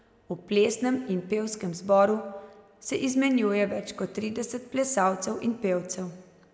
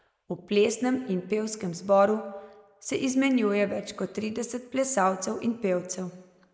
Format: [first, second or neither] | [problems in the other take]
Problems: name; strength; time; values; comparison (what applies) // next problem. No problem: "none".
first | noise reduction (neural mask model Resemble Enhance denoiser)